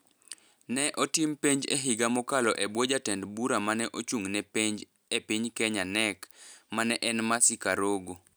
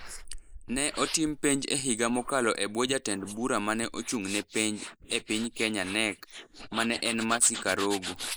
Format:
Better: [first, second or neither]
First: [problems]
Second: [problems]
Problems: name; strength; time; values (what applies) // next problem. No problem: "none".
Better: first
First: none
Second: noise reduction (neural mask model Resemble Enhance denoiser)